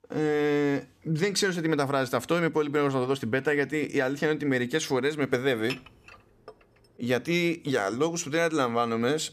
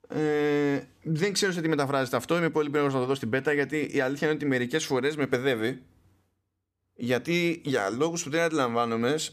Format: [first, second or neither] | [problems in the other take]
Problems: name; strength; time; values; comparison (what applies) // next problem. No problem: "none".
second | clattering dishes; faint; at 5.5 s; peak 10 dB below the speech